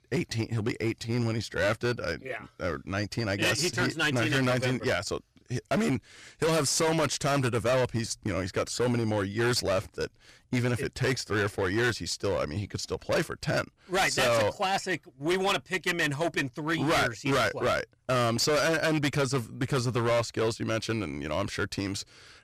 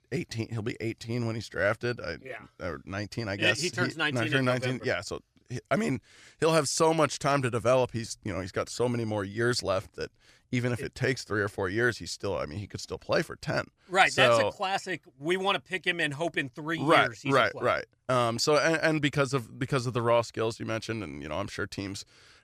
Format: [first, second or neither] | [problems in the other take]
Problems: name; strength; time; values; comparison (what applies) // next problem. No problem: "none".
second | distortion; heavy; 14% of the sound clipped